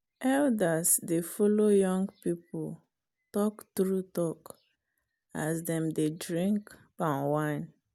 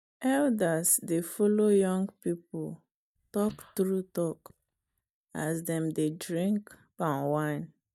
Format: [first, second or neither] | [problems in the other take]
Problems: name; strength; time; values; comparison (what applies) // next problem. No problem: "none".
first | noise reduction (neural mask model DeepFilterNet 3)